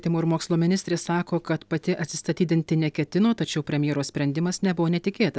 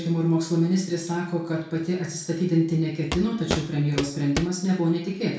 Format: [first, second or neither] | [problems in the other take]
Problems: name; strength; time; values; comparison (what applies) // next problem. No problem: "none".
first | background sound (Walk, footsteps); 7 dB below the speech // room echo; dies away in 0.5 s